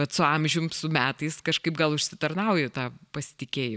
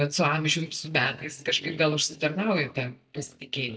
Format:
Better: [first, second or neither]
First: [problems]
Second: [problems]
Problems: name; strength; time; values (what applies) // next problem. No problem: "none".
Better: first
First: none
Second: noise reduction (neural mask model DeepFilterNet 3)